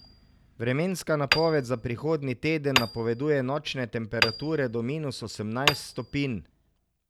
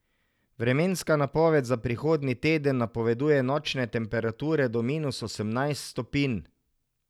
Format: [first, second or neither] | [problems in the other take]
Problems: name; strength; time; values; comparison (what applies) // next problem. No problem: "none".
second | background sound (Hammer); 5 dB below the speech